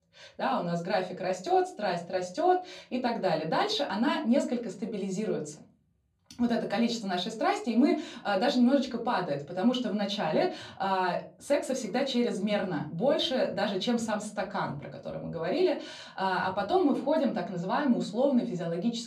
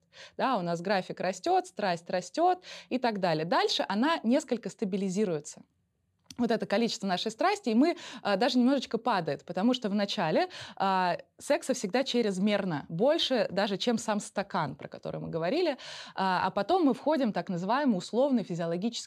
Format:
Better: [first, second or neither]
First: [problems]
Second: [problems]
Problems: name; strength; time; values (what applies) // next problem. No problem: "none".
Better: second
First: off-mic speech; far // room echo; very slight; dies away in 0.3 s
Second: none